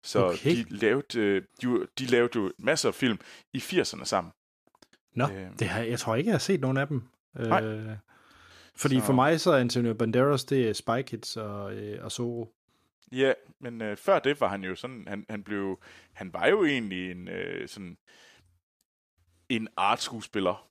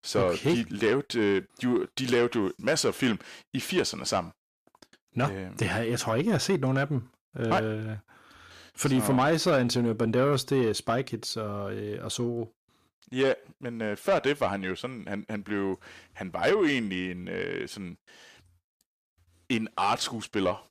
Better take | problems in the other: first | distortion; slight; 10 dB below the speech

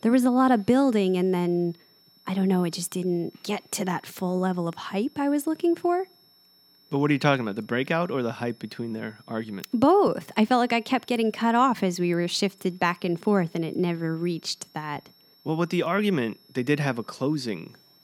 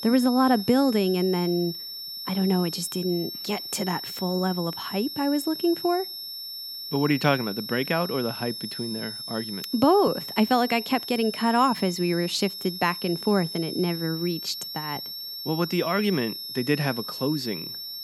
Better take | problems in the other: first | high-pitched whine; loud; throughout; 5.5 kHz, 7 dB below the speech; faint in the first

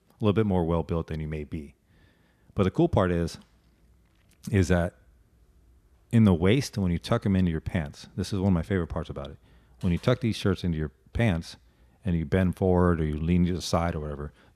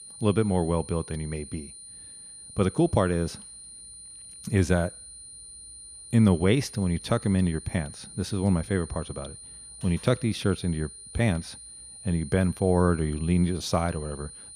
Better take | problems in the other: first | high-pitched whine; noticeable; throughout; 9.5 kHz, 15 dB below the speech

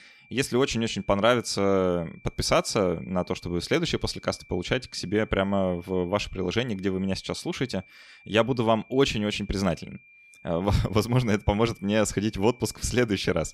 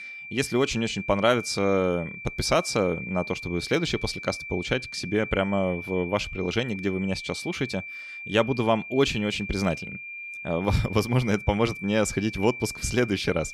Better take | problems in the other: first | high-pitched whine; loud; throughout; 2.5 kHz, 10 dB below the speech; faint in the first

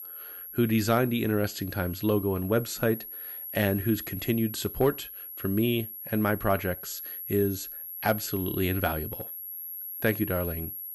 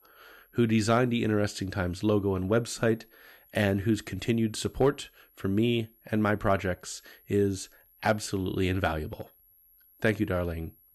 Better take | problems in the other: second | high-pitched whine; loud; throughout; 11.5 kHz, 8 dB below the speech; faint in the second

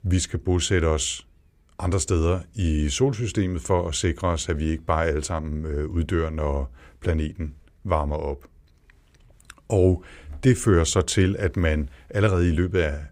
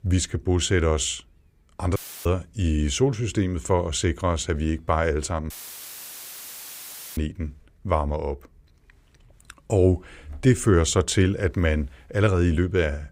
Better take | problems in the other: first | audio cutting out; filled with static; at 2 s and at 5.5 s for 1.5 s

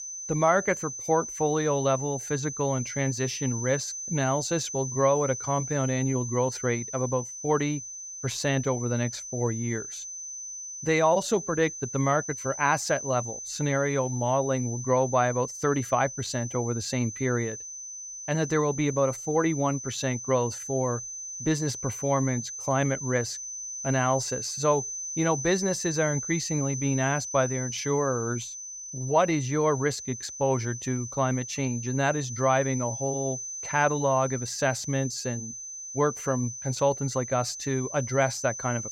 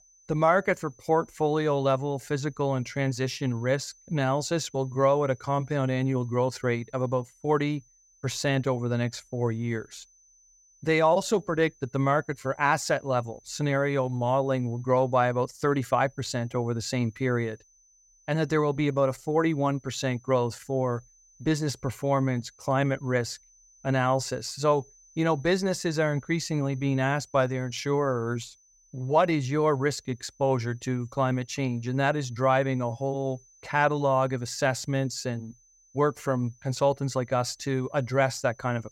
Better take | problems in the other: second | high-pitched whine; loud; throughout; 6 kHz, 7 dB below the speech; faint in the second

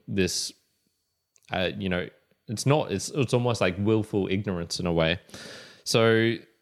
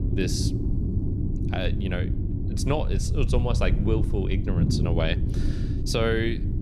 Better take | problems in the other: first | low rumble; loud; throughout; 7 dB below the speech

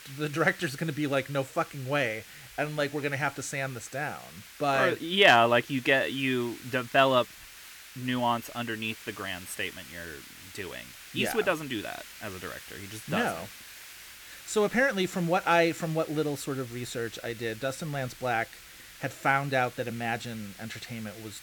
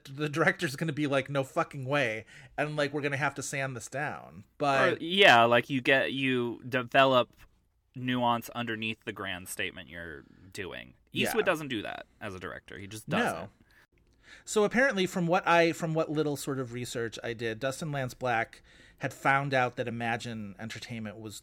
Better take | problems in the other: second | hiss; noticeable; throughout; 15 dB below the speech

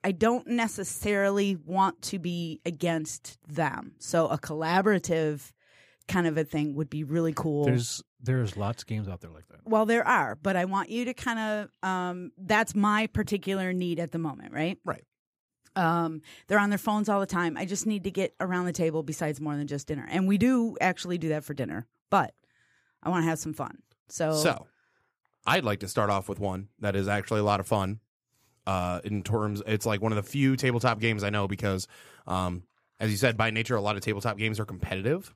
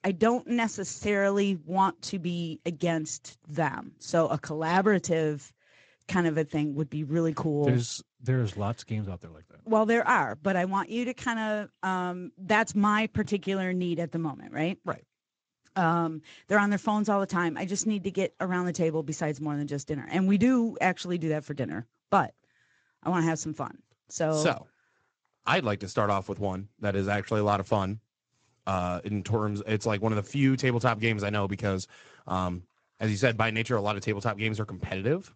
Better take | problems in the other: first | garbled, watery; slightly; nothing above 7.5 kHz

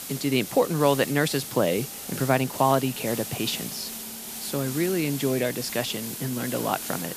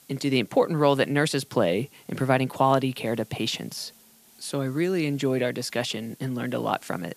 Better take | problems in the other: second | hiss; loud; throughout; 8 dB below the speech; faint in the second

